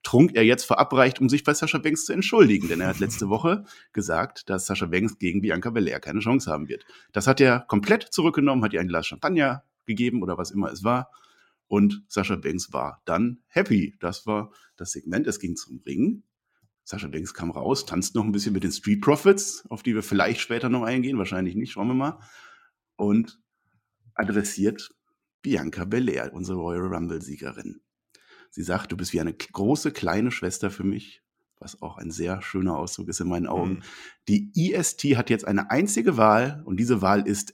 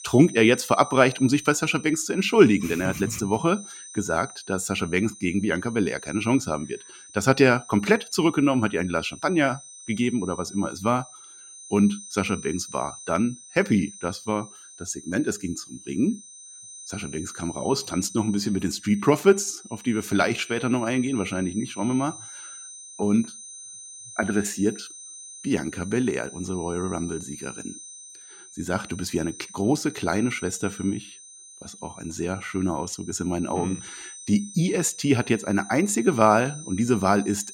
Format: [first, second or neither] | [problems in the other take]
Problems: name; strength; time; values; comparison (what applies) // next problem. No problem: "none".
first | high-pitched whine; noticeable; throughout; 6 kHz, 15 dB below the speech